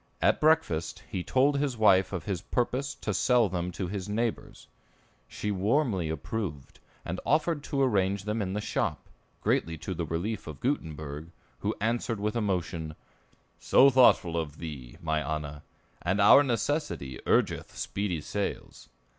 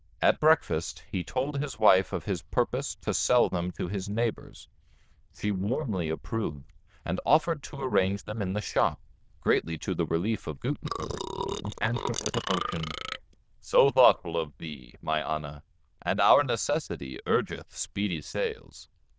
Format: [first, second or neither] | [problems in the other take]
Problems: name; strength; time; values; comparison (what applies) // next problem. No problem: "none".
first | noise reduction (neural diffusion model UNIVERSE++)